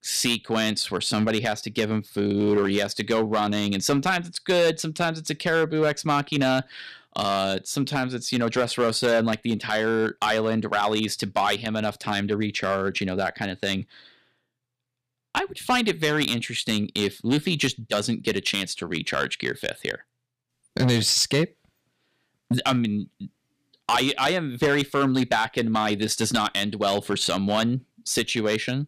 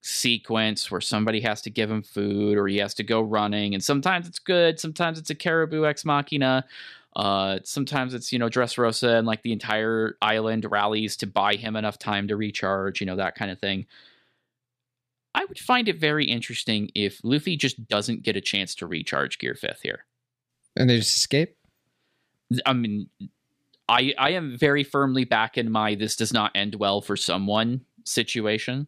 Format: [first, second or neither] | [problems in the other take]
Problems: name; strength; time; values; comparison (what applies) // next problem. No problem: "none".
second | distortion; slight; 4% of the sound clipped